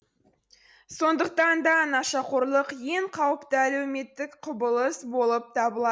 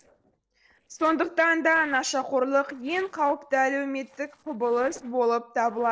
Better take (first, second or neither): first